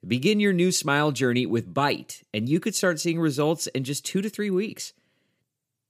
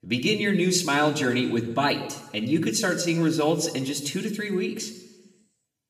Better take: first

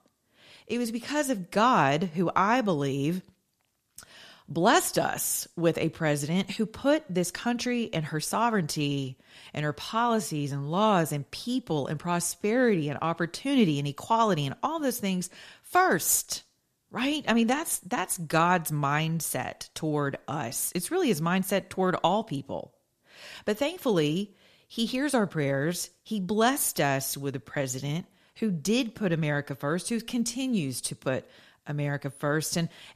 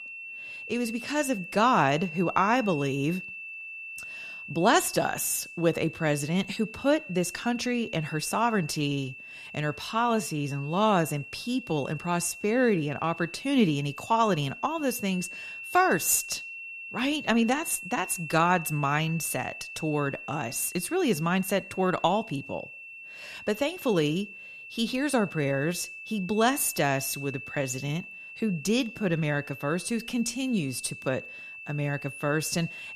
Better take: first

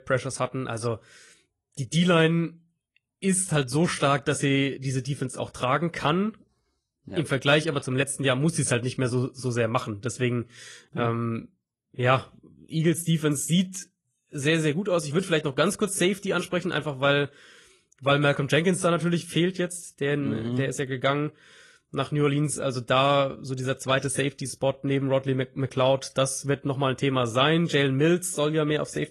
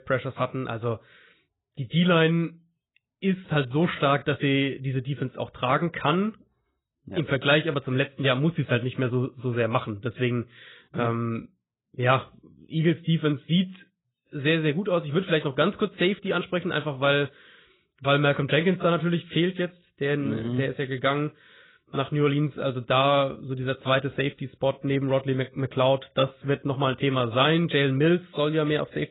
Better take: first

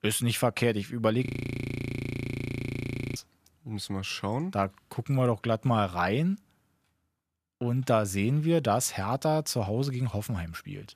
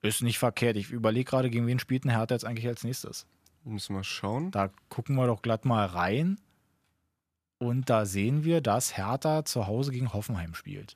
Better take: second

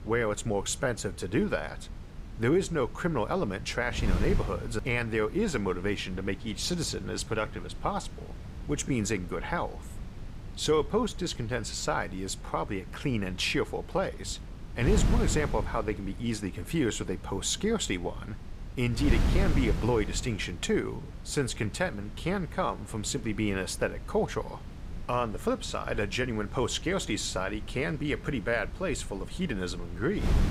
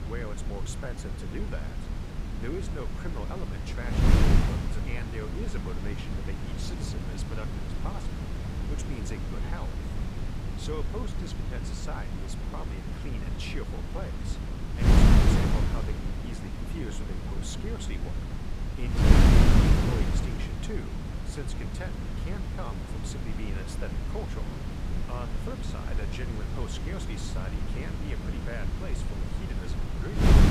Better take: first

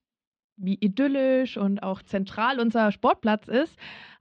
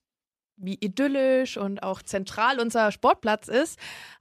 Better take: second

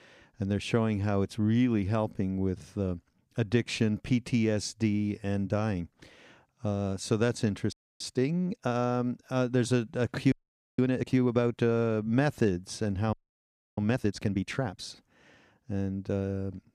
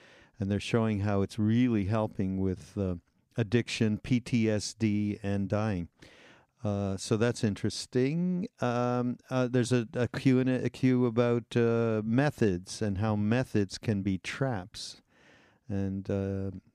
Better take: second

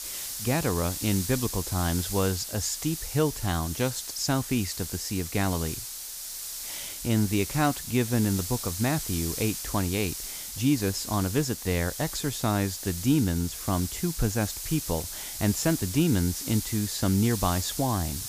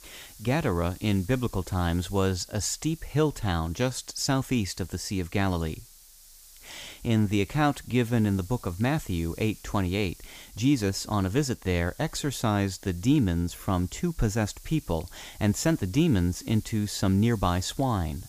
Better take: second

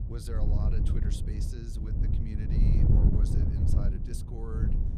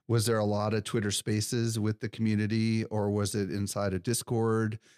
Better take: second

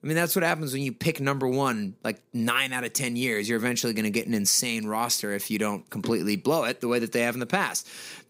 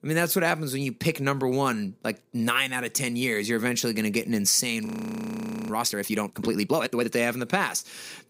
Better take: first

